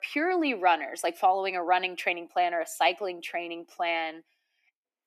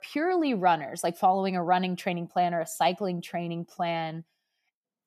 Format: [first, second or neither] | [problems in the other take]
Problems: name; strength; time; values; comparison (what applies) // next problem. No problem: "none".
second | thin; somewhat; fading below 300 Hz